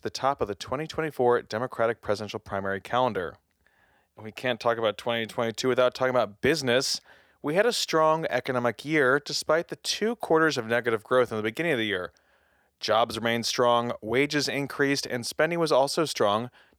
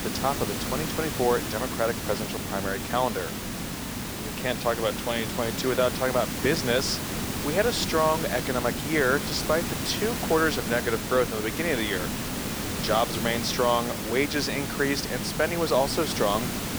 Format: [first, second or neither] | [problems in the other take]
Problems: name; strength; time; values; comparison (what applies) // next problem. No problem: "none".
first | hiss; loud; throughout; 3 dB below the speech